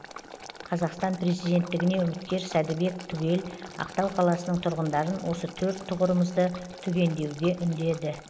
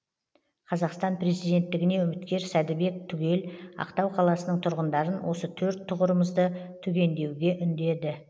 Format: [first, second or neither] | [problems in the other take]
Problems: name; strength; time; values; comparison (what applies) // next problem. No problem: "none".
second | background sound (Boiling + Liquid); 16 dB below the speech